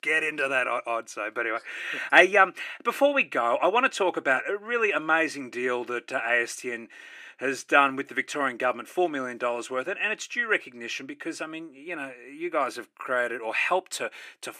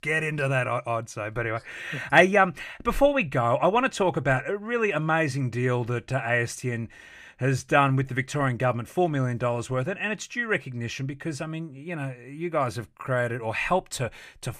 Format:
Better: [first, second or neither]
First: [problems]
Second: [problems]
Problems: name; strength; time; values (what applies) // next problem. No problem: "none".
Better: second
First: thin; somewhat; fading below 300 Hz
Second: none